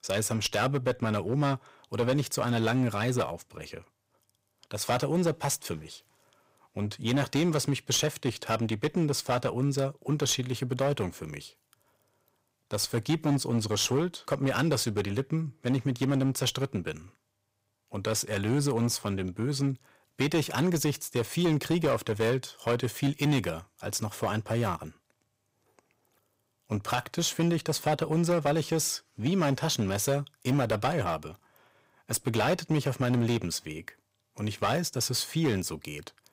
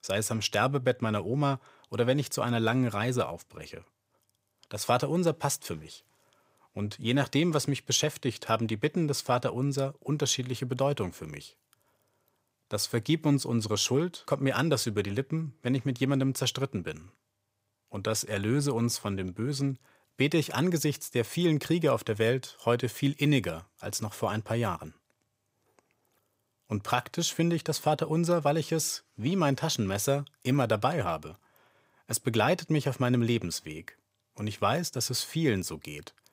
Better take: second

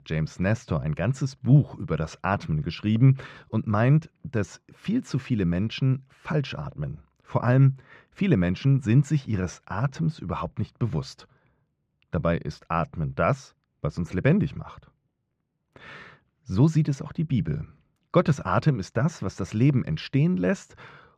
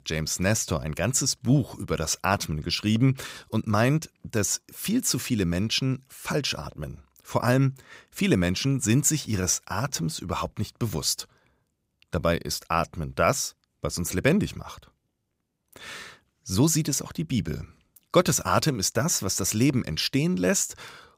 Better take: second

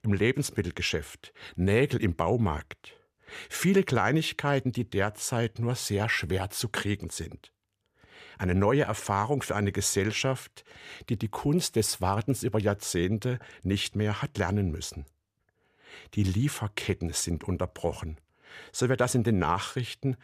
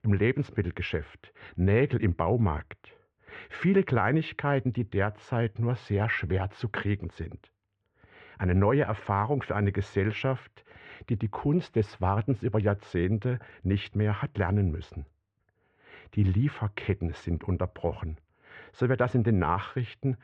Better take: first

